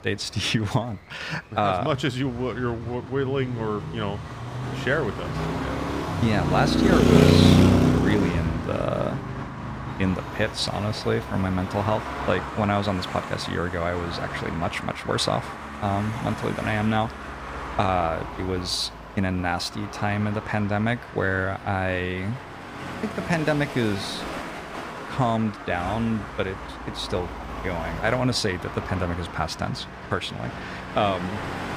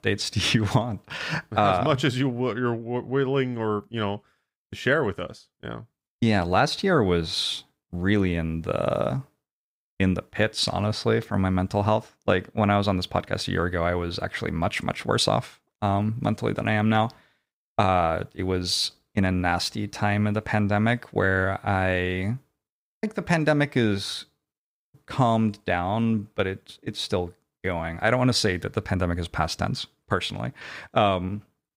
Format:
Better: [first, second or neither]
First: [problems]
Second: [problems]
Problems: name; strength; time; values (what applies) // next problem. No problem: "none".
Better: second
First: traffic noise; loud; throughout; 1 dB below the speech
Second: none